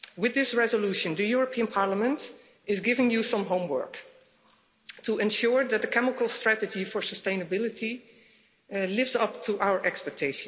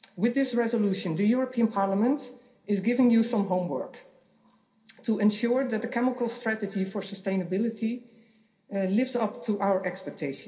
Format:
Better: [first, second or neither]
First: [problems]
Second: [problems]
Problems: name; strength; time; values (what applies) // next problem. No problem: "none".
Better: first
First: none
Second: room echo; dies away in 0.3 s